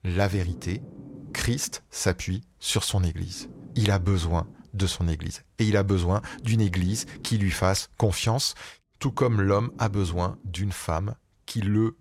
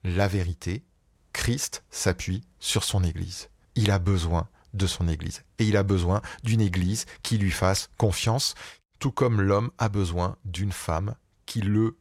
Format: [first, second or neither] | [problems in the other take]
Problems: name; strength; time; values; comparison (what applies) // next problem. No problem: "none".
second | low rumble; faint; throughout; 20 dB below the speech